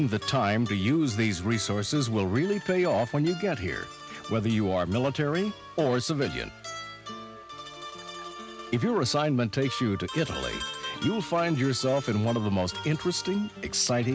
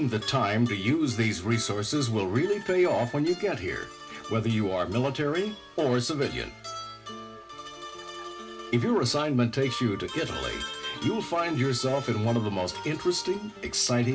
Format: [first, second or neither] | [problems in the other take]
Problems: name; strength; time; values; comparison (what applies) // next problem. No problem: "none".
first | room echo; dies away in 0.2 s